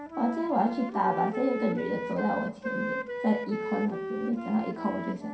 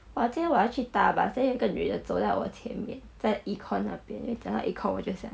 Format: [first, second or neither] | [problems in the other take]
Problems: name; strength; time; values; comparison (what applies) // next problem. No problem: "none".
second | background sound (Wind instrument, woodwind instrument); 6 dB below the speech // room echo; dies away in 0.5 s